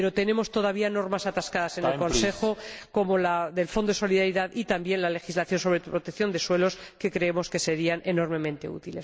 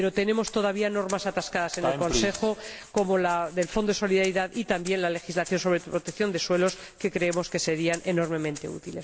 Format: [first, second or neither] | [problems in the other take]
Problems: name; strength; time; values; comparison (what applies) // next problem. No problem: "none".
first | background sound (Rattle (instrument)); 19 dB below the speech